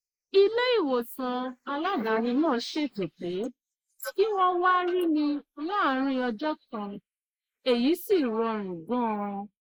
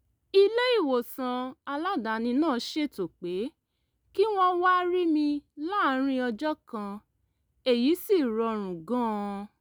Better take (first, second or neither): second